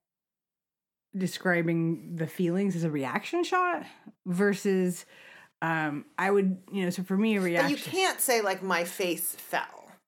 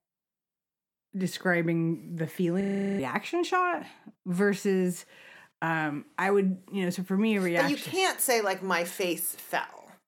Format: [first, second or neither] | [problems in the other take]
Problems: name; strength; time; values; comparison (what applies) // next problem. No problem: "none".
first | audio freezing; at 2.5 s